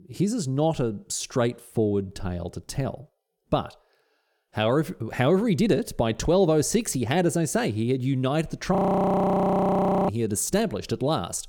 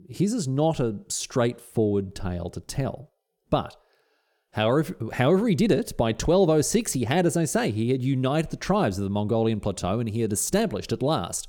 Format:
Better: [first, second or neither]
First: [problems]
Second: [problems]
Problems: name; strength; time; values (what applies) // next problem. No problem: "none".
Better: second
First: audio freezing; at 9 s for 1.5 s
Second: none